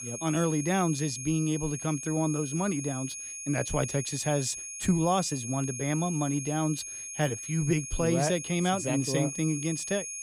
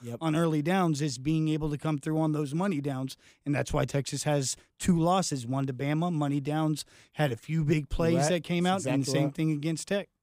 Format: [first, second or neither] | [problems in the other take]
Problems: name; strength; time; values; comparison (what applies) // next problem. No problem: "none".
second | high-pitched whine; loud; throughout; 6.5 kHz, 7 dB below the speech